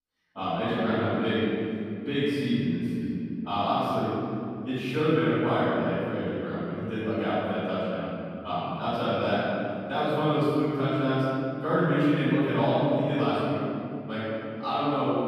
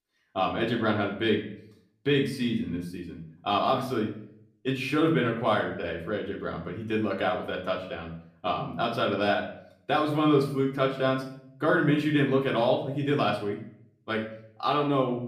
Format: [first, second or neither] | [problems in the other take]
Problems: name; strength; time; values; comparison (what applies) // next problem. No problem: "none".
second | room echo; strong; dies away in 3 s; slight in the second // off-mic speech; far; far in the second